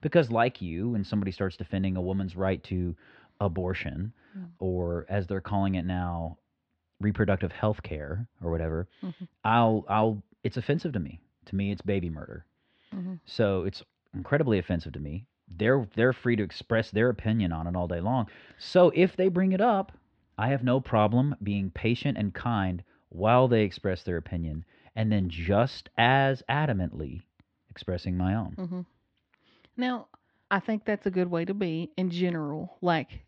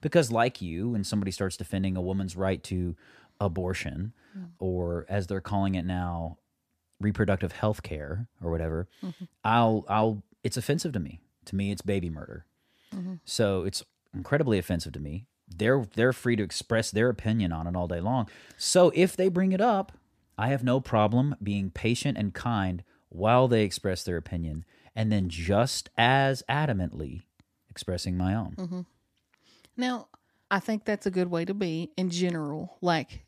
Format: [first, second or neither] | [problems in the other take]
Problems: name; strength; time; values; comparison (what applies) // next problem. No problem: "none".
second | muffled; slightly; fading above 3.5 kHz